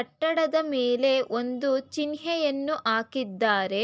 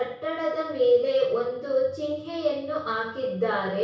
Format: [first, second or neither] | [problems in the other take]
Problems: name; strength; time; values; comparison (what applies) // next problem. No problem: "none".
first | room echo; dies away in 0.6 s